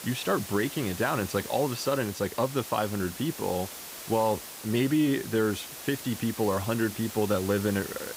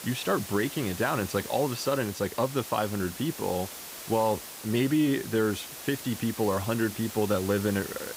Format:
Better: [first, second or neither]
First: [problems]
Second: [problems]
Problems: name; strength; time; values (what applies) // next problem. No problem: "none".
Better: neither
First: hiss; noticeable; throughout; 10 dB below the speech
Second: hiss; noticeable; throughout; 10 dB below the speech